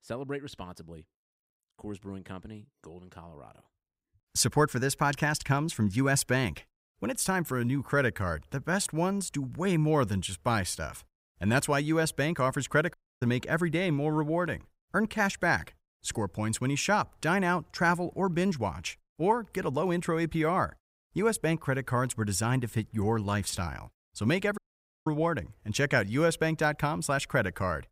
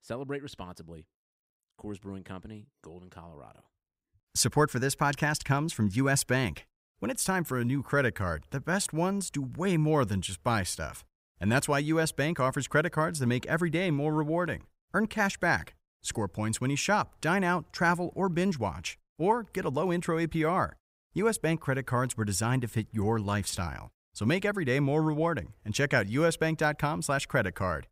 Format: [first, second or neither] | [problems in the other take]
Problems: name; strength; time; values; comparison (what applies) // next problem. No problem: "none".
second | audio cutting out; at 13 s and at 25 s